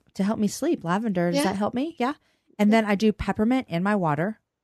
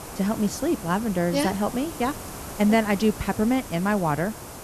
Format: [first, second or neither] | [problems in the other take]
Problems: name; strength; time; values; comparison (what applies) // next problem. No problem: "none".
first | hiss; noticeable; throughout; 10 dB below the speech